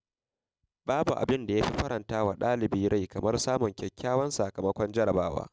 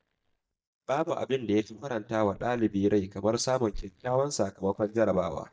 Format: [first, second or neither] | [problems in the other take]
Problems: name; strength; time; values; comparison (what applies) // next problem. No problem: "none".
first | noise reduction (neural mask model DeepFilterNet 3)